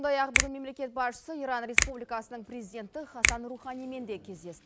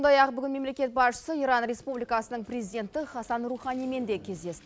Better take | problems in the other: second | background sound (Finger snapping); 2 dB above the speech

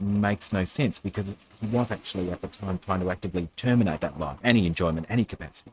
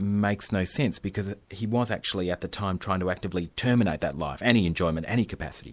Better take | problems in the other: second | noise reduction (neural mask model RNNoise)

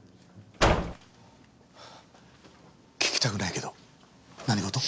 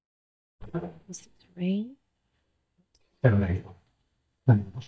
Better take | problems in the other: first | noise reduction (neural mask model DeepFilterNet 3)

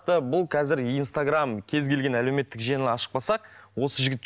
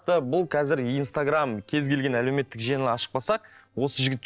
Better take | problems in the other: first | noise reduction (neural separator model SepFormer DNS4)

